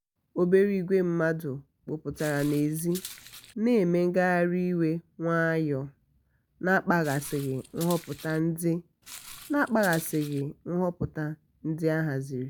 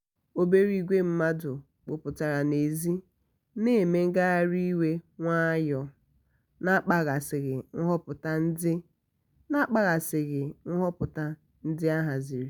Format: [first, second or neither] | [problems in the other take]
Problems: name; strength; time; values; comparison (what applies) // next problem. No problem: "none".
second | background sound (Walk, footsteps); 17 dB below the speech